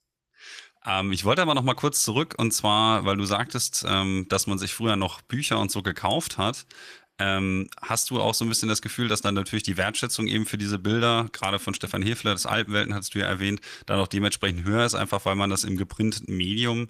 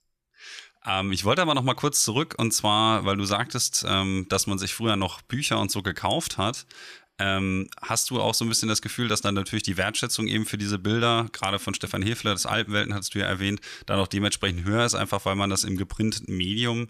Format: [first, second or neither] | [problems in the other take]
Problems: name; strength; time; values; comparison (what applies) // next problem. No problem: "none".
second | garbled, watery; slightly; nothing above 14.5 kHz